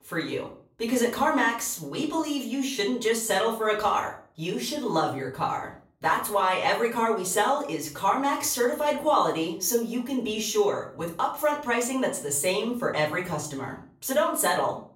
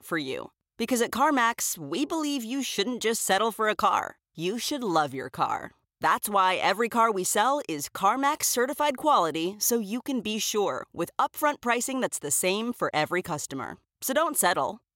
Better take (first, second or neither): second